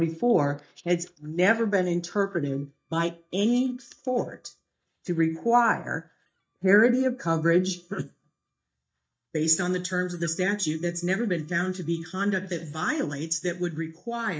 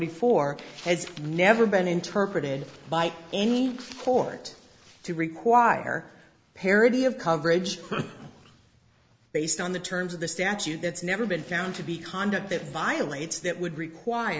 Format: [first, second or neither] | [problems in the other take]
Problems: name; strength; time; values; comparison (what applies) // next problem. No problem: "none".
second | noise reduction (neural mask model DeepFilterNet 3)